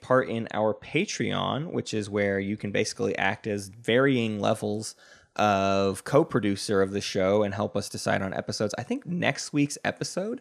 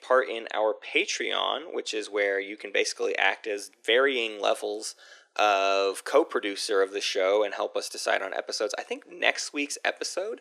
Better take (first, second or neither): first